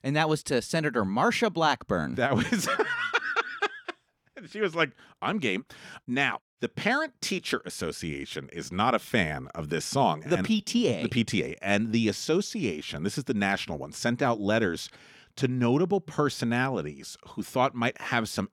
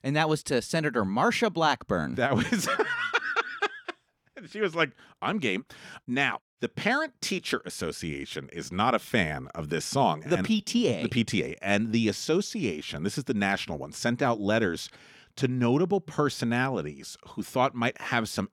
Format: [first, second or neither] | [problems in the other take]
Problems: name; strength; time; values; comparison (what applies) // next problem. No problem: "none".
neither | none